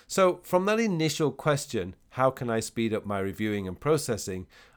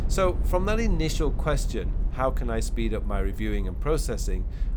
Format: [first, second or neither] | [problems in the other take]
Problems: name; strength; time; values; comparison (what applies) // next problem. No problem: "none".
first | low rumble; noticeable; throughout; 15 dB below the speech